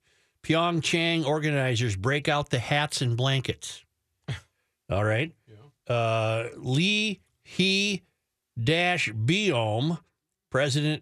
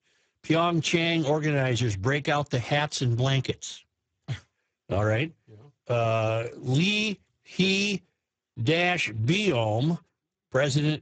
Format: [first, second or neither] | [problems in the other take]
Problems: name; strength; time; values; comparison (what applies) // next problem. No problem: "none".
first | garbled, watery; badly; nothing above 7.5 kHz